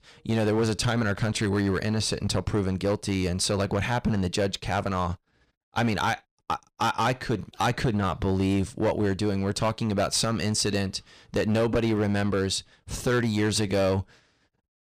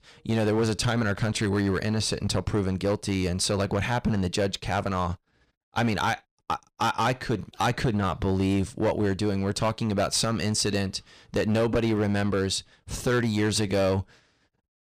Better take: neither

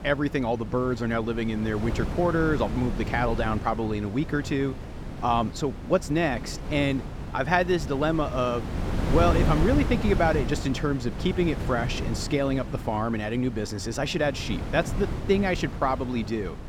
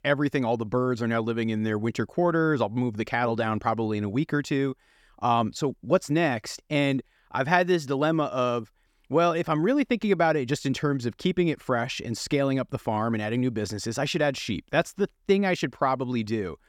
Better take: second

